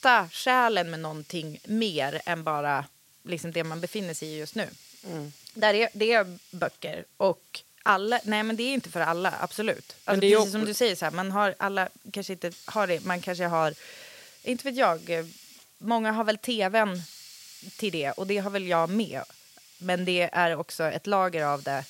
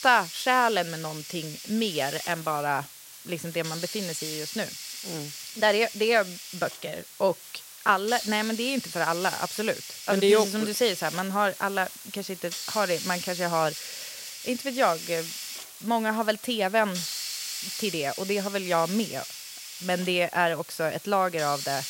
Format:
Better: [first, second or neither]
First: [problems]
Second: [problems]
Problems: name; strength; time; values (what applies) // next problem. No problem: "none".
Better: first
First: hiss; faint; throughout; 20 dB below the speech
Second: hiss; loud; throughout; 9 dB below the speech